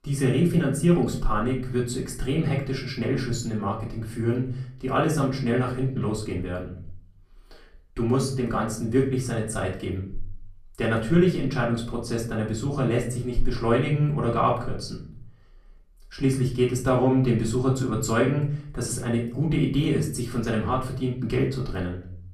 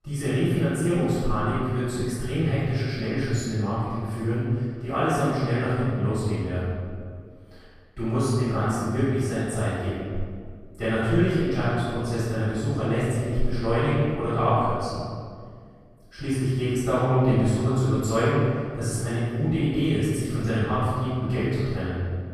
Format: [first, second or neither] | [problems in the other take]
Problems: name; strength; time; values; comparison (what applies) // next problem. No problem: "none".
first | room echo; strong; dies away in 1.8 s; slight in the first // off-mic speech; far; far in the first